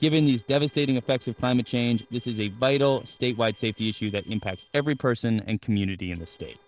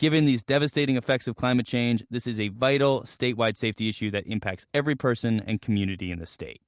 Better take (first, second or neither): second